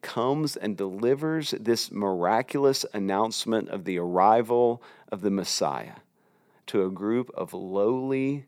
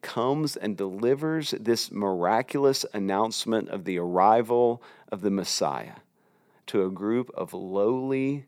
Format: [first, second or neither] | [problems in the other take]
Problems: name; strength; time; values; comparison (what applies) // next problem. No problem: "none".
neither | none